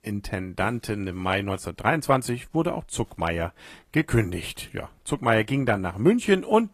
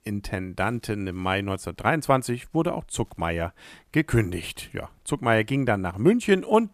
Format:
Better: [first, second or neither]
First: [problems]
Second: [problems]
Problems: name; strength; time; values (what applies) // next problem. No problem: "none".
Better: second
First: garbled, watery; slightly; nothing above 14.5 kHz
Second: none